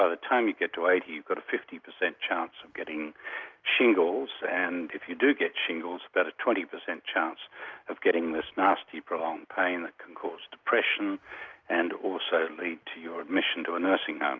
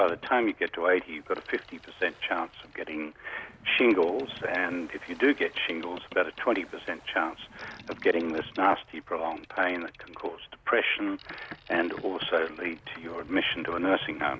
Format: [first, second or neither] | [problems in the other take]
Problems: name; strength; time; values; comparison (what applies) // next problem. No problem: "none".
first | background sound (Boat, Water vehicle); 20 dB below the speech